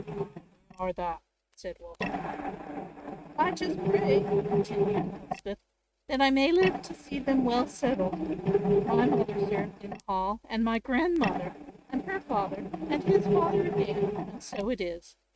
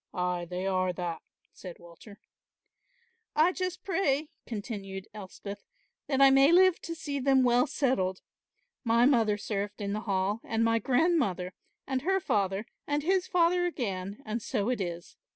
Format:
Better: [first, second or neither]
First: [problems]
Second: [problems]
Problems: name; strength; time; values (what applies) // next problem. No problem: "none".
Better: second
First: noise reduction (neural mask model RNNoise)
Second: none